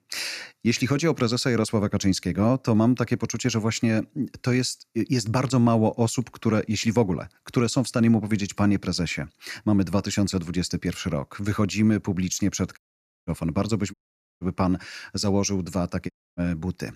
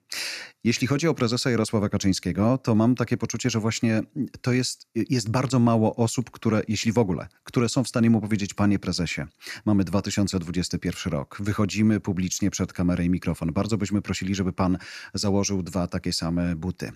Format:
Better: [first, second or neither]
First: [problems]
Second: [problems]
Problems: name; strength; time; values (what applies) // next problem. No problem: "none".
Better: second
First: audio cutting out; at 13 s, at 14 s and at 16 s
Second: none